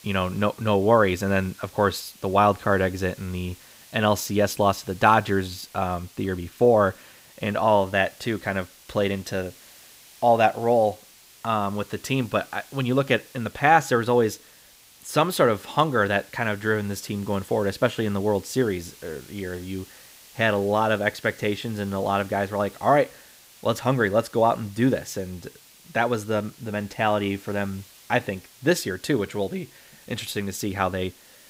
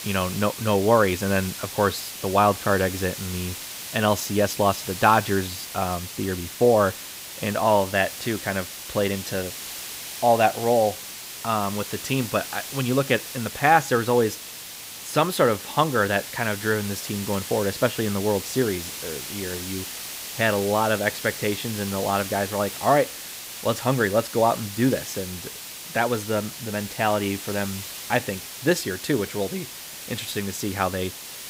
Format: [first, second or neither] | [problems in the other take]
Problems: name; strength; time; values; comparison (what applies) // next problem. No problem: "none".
first | hiss; loud; throughout; 9 dB below the speech; faint in the first